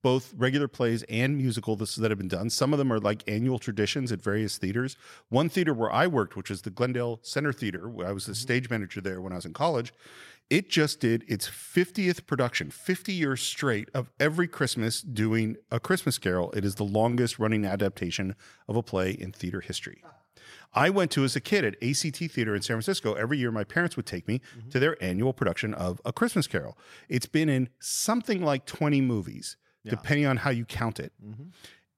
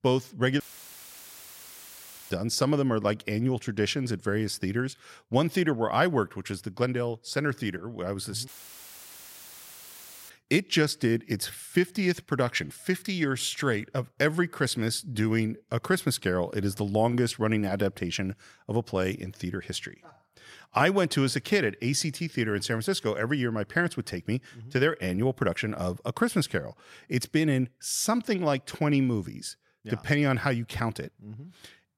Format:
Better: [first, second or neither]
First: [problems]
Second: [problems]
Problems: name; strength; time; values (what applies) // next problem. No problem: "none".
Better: first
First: none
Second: audio cutting out; filled with static; at 0.5 s for 1.5 s and at 8.5 s for 2 s